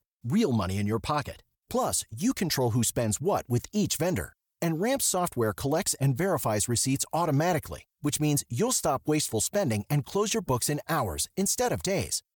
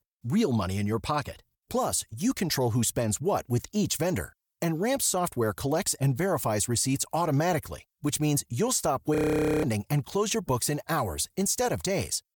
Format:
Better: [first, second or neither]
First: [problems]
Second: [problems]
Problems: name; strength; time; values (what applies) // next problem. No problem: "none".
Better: first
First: none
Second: audio freezing; at 9 s